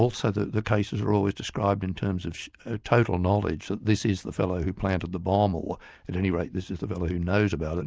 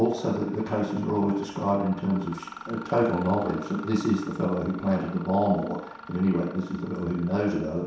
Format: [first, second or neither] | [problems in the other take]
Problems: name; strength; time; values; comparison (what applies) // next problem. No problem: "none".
first | background sound (Mechanisms); 16 dB below the speech // room echo; dies away in 0.7 s